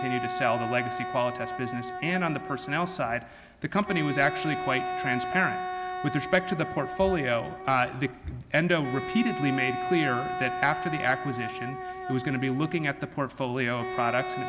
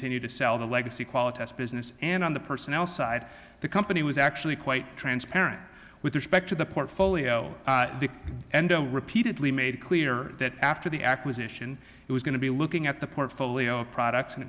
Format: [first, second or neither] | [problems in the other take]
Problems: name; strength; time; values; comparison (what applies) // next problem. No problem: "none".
second | background sound (Wind instrument, woodwind instrument); 6 dB below the speech